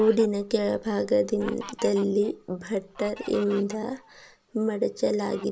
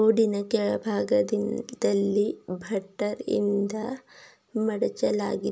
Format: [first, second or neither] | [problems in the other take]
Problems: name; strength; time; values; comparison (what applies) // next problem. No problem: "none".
second | background sound (Fowl); 20 dB below the speech